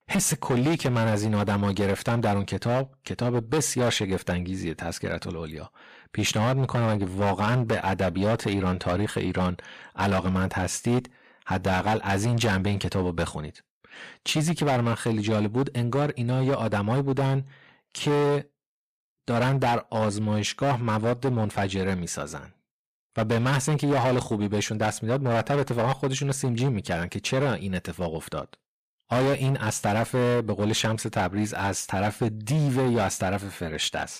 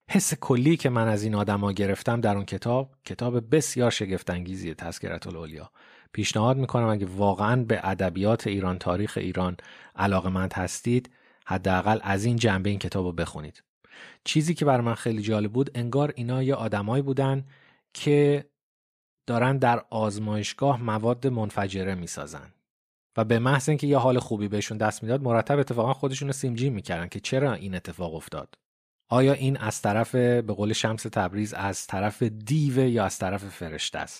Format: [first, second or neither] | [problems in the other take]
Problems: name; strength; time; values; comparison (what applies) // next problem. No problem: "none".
second | distortion; heavy; 14% of the sound clipped